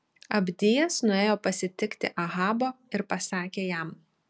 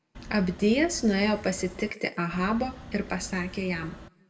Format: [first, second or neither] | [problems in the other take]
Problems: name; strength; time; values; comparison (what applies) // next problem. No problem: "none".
first | background sound (Wind); 15 dB below the speech // room echo; dies away in 0.7 s